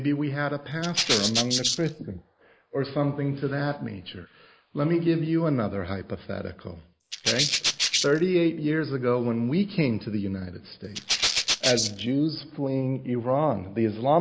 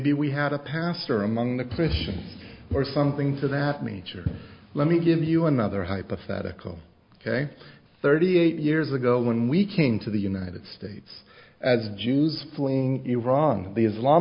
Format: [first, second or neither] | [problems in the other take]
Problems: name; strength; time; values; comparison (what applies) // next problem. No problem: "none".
second | noise reduction (neural mask model Resemble Enhance denoiser)